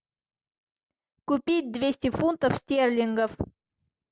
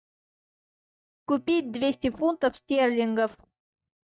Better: first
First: none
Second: noise reduction (neural mask model DeepFilterNet 3)

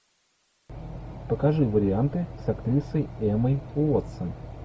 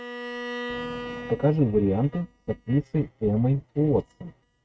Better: first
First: none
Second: noise reduction (neural mask model RNNoise)

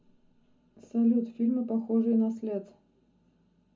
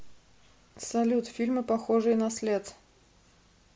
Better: second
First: room echo; dies away in 0.4 s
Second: none

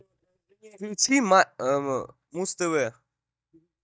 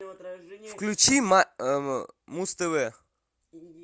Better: second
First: noise reduction (neural mask model DeepFilterNet 3)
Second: none

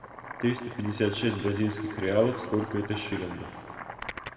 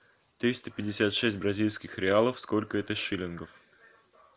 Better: second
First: background sound (Boiling); 12 dB below the speech // room echo; dies away in 1.5 s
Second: none

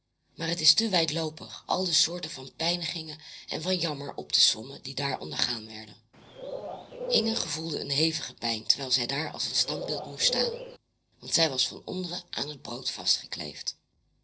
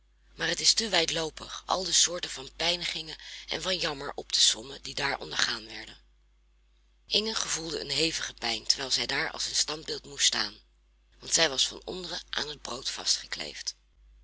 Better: second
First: noise reduction (neural separator model SepFormer DNS4)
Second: none

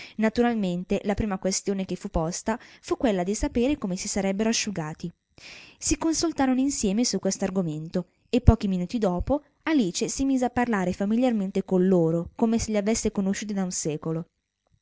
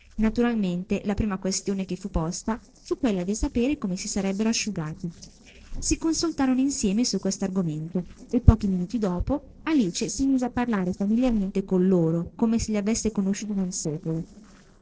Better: first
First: none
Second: noise reduction (neural separator model SepFormer DNS4)

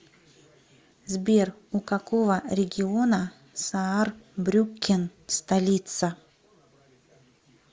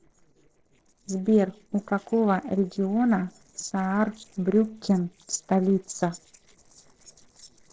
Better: first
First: none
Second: noise reduction (neural separator model SepFormer DNS4)

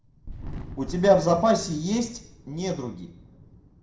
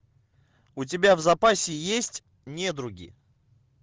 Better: second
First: background sound (Thunder); 15 dB below the speech // room echo; dies away in 0.5 s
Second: none

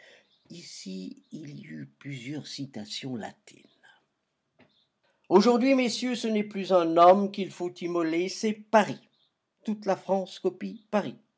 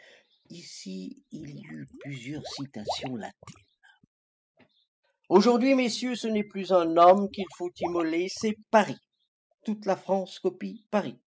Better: first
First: none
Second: noise reduction (classical method spectral subtraction)

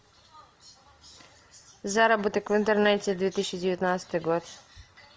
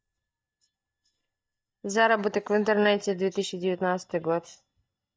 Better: first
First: none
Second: noise reduction (neural mask model DeepFilterNet 3)

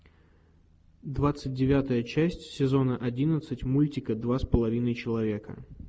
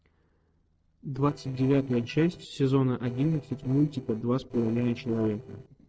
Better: first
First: none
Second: noise reduction (neural separator model SepFormer DNS4)

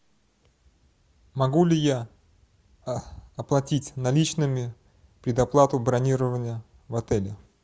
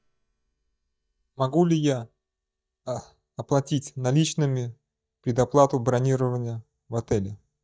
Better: first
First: none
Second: noise reduction (neural mask model DeepFilterNet 3)

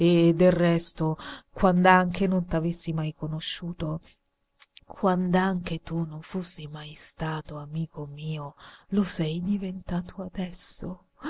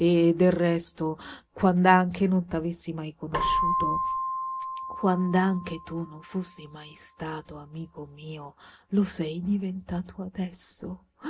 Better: first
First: none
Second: background sound (Keyboard (musical)); 8 dB below the speech // room echo; dies away in 0.3 s

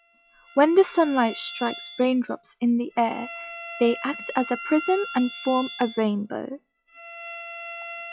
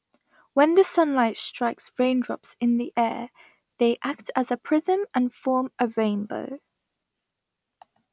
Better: second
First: noise reduction (classical method log-MMSE)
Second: none

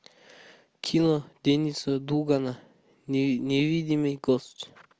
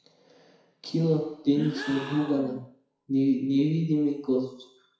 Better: first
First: none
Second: noise reduction (classical method WPE with log-MMSE)

